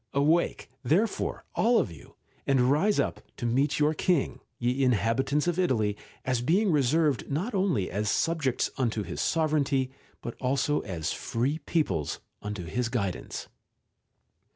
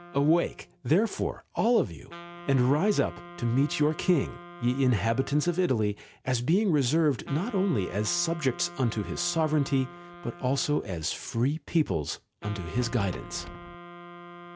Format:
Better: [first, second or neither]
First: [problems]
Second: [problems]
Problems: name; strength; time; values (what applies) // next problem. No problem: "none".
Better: first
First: none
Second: background sound (Wind instrument, woodwind instrument + Wind); 17 dB below the speech